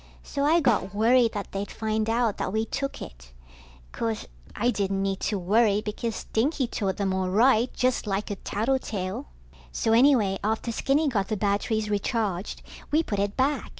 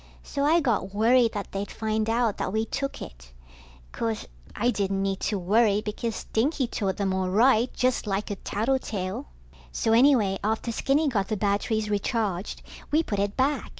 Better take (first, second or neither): second